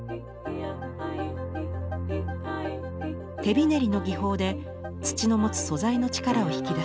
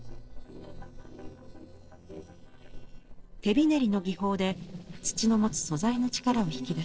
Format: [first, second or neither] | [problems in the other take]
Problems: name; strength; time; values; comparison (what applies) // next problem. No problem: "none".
first | noise reduction (neural separator model SepFormer DNS4)